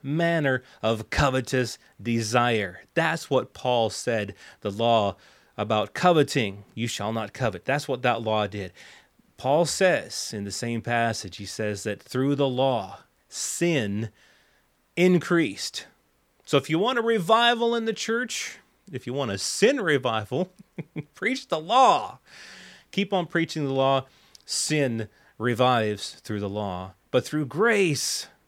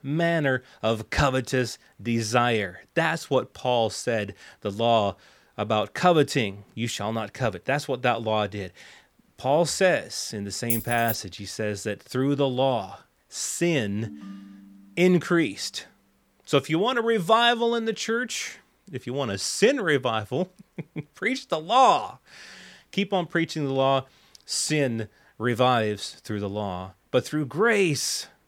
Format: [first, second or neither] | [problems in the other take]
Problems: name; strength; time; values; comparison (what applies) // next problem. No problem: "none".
first | jangling keys; noticeable; at 11 s; peak 2 dB below the speech // phone ringing; faint; from 14 to 15 s; peak 15 dB below the speech